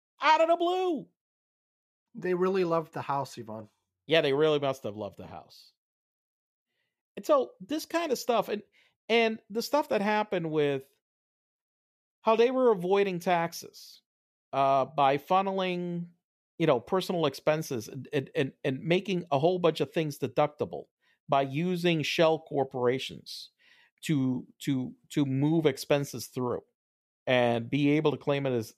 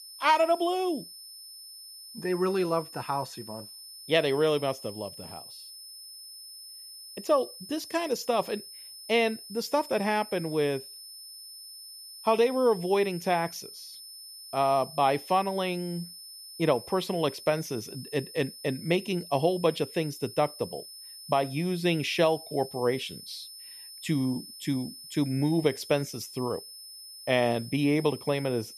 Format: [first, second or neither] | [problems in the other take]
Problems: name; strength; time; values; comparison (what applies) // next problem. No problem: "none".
first | high-pitched whine; noticeable; throughout; 5 kHz, 15 dB below the speech